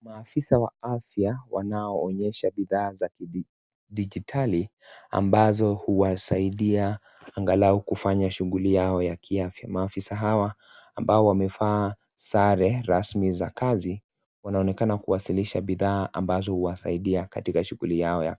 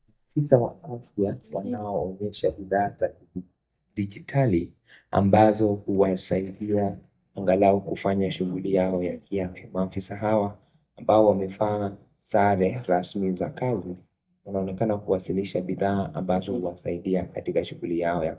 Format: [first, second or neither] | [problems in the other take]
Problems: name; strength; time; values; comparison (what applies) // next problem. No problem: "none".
first | noise reduction (neural mask model DeepFilterNet 3)